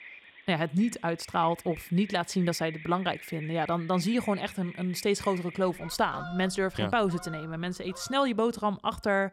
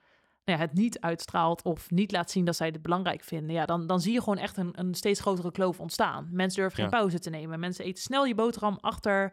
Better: second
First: animal sounds; noticeable; throughout; 15 dB below the speech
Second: none

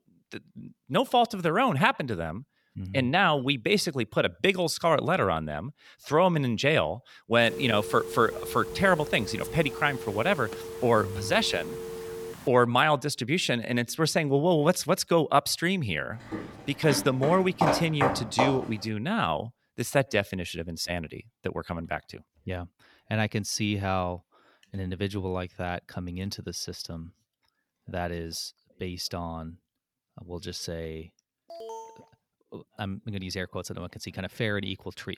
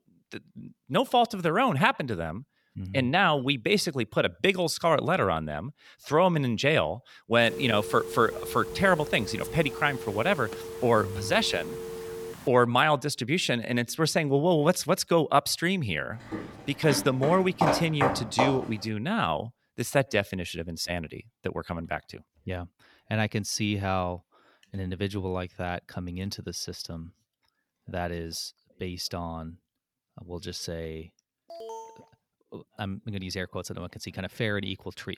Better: neither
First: phone ringing; noticeable; from 7.5 to 12 s; peak 9 dB below the speech // footsteps; loud; from 16 to 19 s; peak 1 dB above the speech // alarm; faint; at 32 s; peak 15 dB below the speech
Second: phone ringing; noticeable; from 7.5 to 12 s; peak 9 dB below the speech // footsteps; loud; from 16 to 19 s; peak 1 dB above the speech // alarm; faint; at 32 s; peak 15 dB below the speech

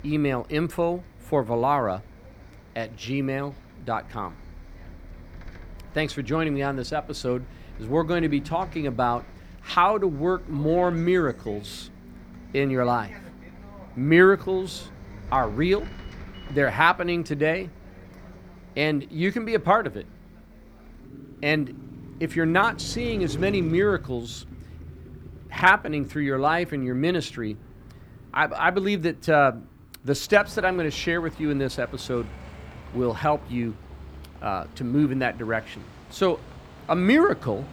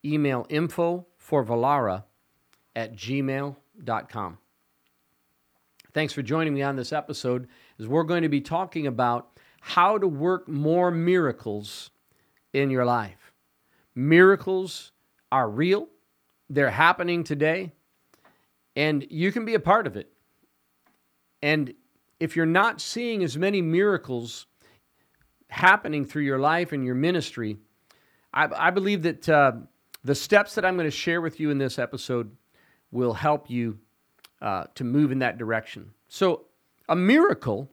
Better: second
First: traffic noise; noticeable; throughout; 20 dB below the speech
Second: none

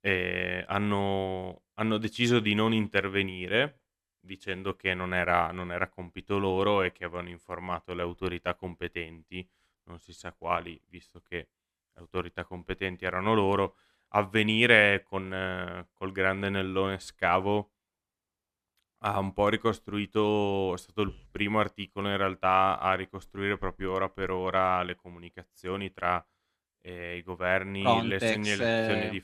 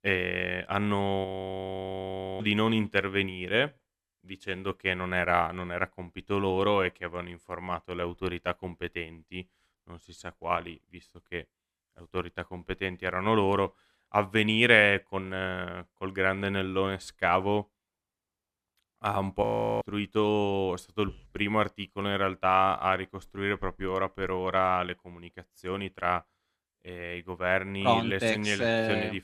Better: first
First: none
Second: audio freezing; at 1.5 s for 1 s and at 19 s

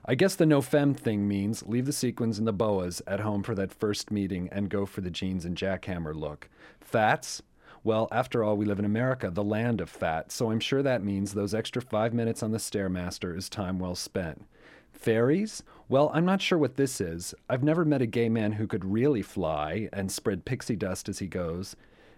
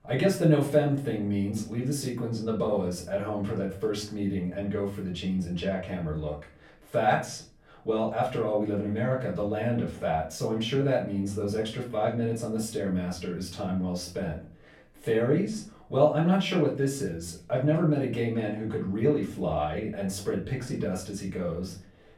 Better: first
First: none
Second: room echo; slight; dies away in 0.3 s // off-mic speech; far

